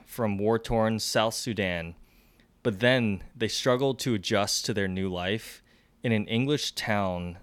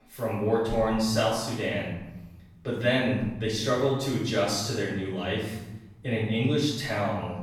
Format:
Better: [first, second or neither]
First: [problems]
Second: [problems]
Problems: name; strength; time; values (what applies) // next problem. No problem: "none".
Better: first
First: none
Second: off-mic speech; far // room echo; strong; dies away in 1 s